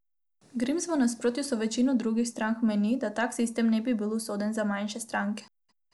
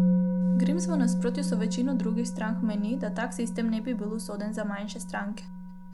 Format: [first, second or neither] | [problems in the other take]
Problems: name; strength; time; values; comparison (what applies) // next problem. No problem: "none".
first | background sound (Musical instrument); 2 dB above the speech